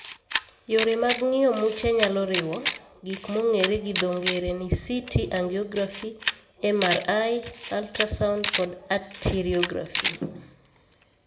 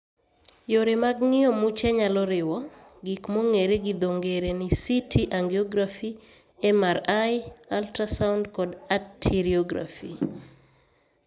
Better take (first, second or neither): second